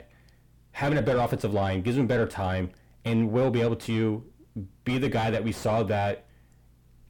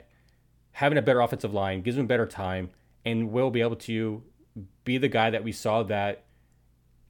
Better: second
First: distortion; heavy; 5 dB below the speech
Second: none

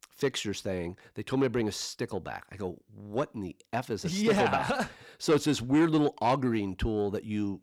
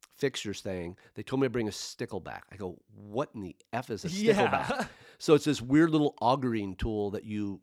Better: second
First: distortion; slight; 10 dB below the speech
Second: none

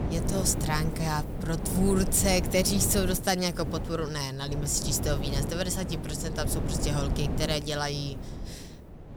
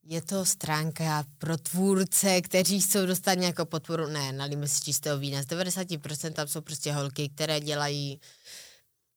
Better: second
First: wind noise on the microphone; heavy; 9 dB below the speech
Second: none

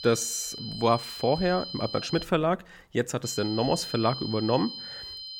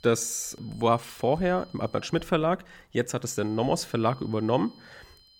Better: second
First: high-pitched whine; loud; until 2 s and from 3.5 s on; 4 kHz, 9 dB below the speech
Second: high-pitched whine; faint; until 2 s and from 3.5 s on; 4 kHz, 25 dB below the speech

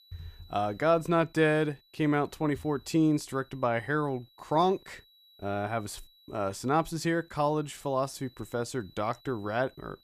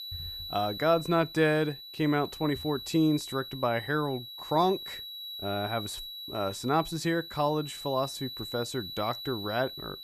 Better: first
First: high-pitched whine; faint; throughout; 4 kHz, 30 dB below the speech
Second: high-pitched whine; loud; throughout; 4 kHz, 9 dB below the speech

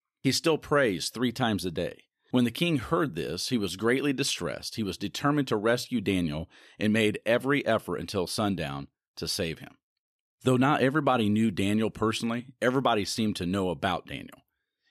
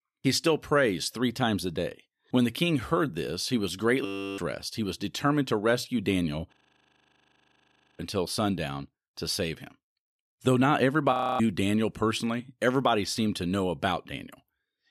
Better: first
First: none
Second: audio freezing; at 4 s, at 6.5 s for 1.5 s and at 11 s

